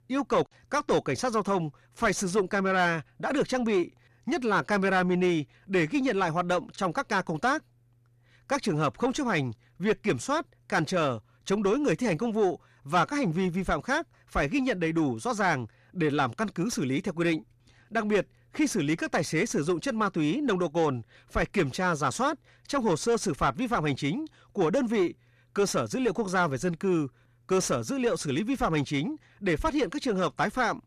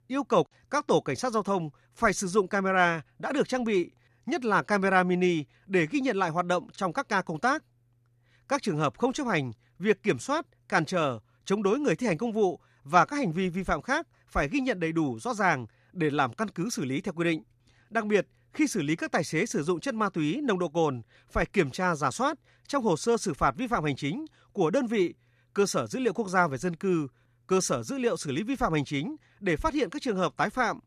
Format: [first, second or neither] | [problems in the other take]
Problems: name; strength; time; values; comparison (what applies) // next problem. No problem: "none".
second | distortion; slight; 10 dB below the speech